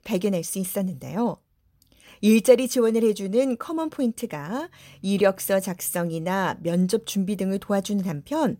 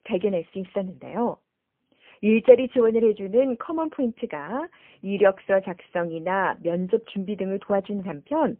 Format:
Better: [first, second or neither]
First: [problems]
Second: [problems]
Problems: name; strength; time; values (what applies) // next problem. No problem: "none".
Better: first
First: none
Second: phone-call audio; poor line